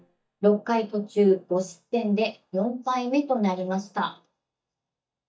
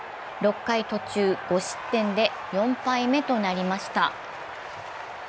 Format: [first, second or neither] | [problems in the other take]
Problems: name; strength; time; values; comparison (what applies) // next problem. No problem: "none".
second | noise reduction (neural mask model DeepFilterNet 3)